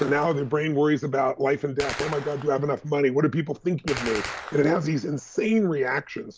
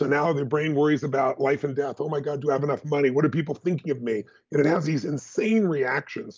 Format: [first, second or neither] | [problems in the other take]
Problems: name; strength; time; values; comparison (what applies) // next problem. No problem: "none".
second | background sound (Gunshot, gunfire); 15 dB below the speech